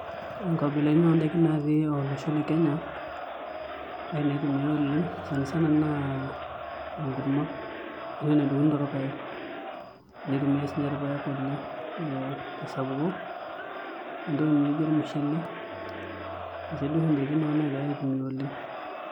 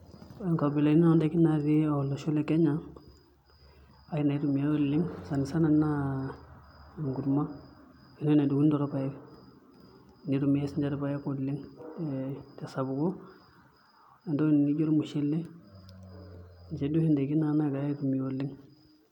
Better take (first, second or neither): second